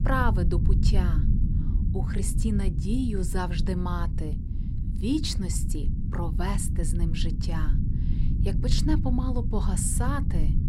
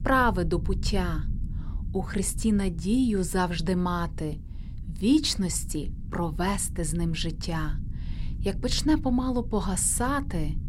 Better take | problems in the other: second | low rumble; loud; throughout; 7 dB below the speech; faint in the second

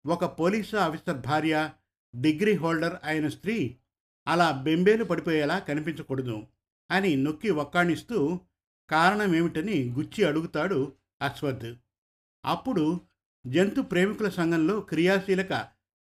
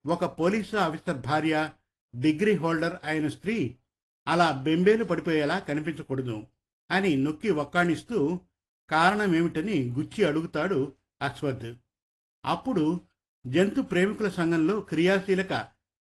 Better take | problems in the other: first | garbled, watery; slightly; nothing above 11.5 kHz

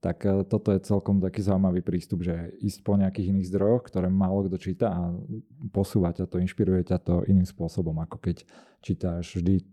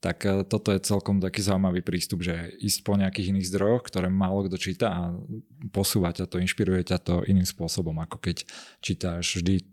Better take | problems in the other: second | muffled; very; fading above 1.5 kHz

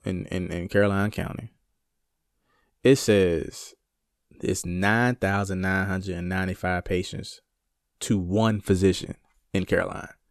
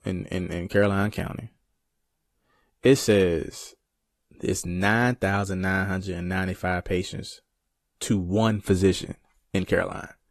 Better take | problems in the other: first | garbled, watery; slightly; nothing above 13.5 kHz

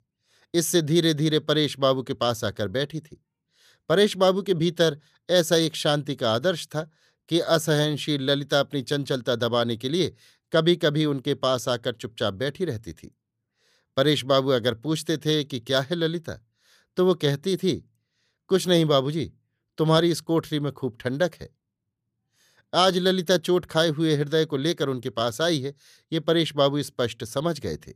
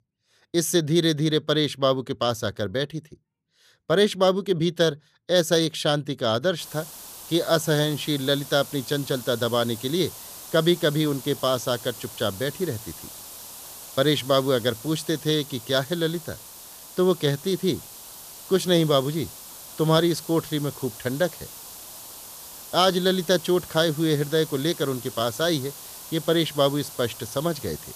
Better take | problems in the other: first | hiss; noticeable; from 6.5 s on; 15 dB below the speech

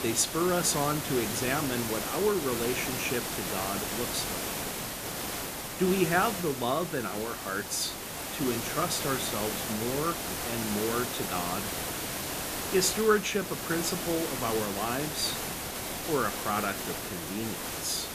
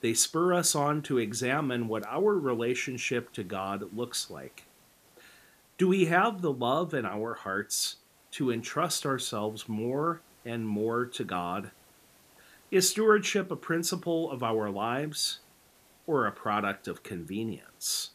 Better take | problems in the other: second | hiss; loud; throughout; 2 dB below the speech; faint in the second

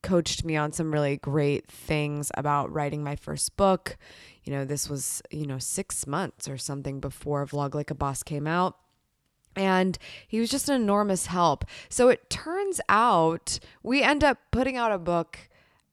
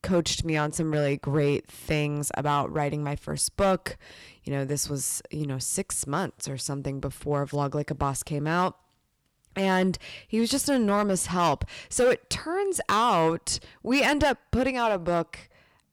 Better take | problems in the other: first | distortion; slight; 3% of the sound clipped

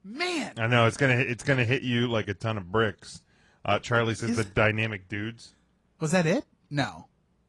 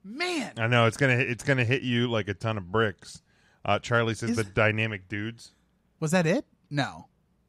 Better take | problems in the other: second | garbled, watery; slightly; nothing above 10.5 kHz

